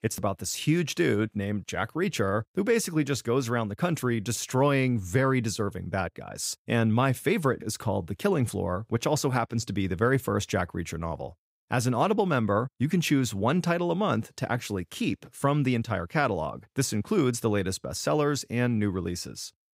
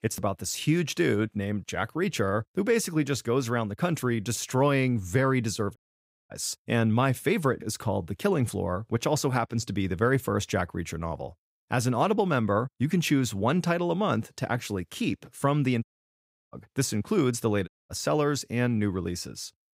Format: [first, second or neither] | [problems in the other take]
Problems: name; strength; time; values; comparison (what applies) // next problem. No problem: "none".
first | audio cutting out; at 6 s for 0.5 s, at 16 s for 0.5 s and at 18 s